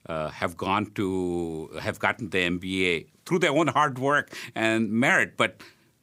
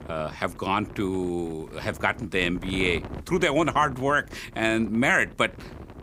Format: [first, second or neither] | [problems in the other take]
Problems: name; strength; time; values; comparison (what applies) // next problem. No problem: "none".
first | wind noise on the microphone; occasional gusts; 20 dB below the speech